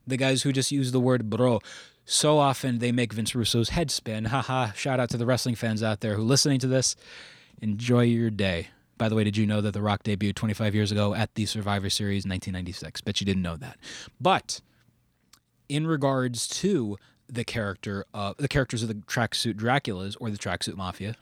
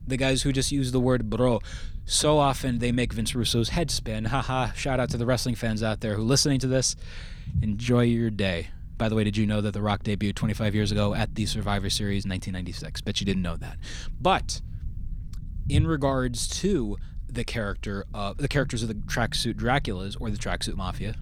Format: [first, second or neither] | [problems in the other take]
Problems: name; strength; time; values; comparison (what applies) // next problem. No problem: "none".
first | low rumble; faint; throughout; 25 dB below the speech